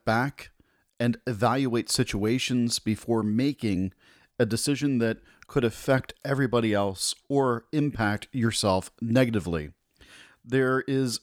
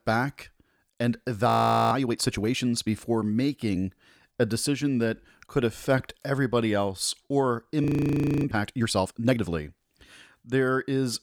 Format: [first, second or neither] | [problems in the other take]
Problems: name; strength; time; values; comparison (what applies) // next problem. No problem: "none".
first | audio freezing; at 1.5 s and at 8 s for 0.5 s